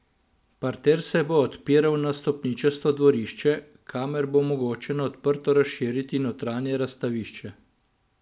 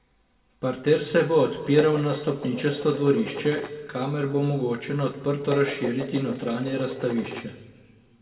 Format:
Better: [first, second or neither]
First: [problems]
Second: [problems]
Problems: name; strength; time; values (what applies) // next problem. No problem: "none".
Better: first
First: none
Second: background sound (Dishes, pots, and pans); 13 dB below the speech // room echo; dies away in 1.5 s